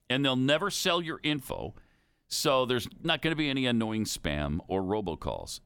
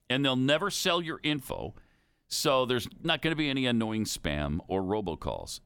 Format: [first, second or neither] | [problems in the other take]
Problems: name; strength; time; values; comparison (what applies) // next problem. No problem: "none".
neither | none